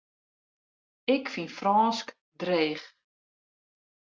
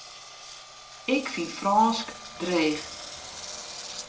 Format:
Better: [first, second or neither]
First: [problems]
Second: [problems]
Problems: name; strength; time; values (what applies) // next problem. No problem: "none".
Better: first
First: none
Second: background sound (Engine); 12 dB below the speech // room echo; dies away in 0.3 s